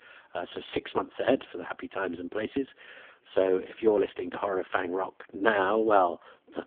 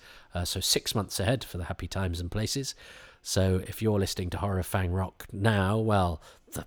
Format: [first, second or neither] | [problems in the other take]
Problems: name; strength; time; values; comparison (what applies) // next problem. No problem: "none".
second | phone-call audio; poor line; nothing above 3.5 kHz